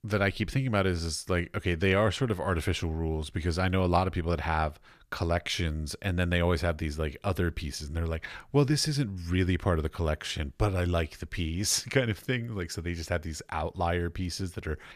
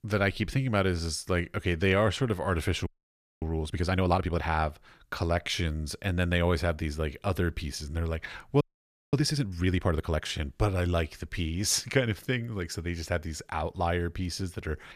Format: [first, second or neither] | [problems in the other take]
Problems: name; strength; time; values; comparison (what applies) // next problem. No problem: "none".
first | audio freezing; at 3 s for 0.5 s and at 8.5 s for 0.5 s